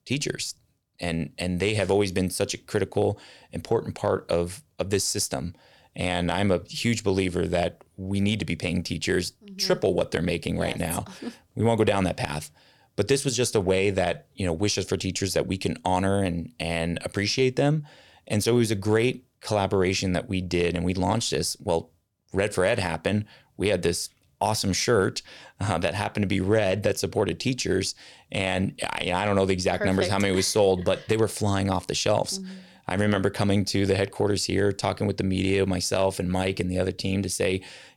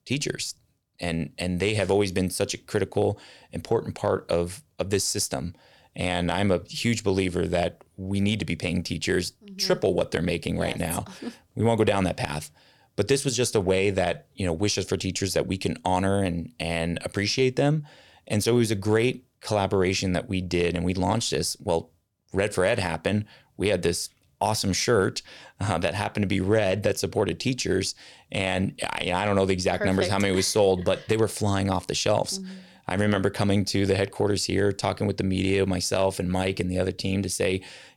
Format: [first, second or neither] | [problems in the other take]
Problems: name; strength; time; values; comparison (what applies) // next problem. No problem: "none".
neither | none